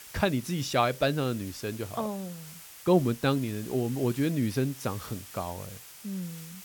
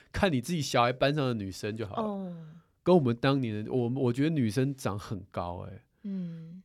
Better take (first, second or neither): second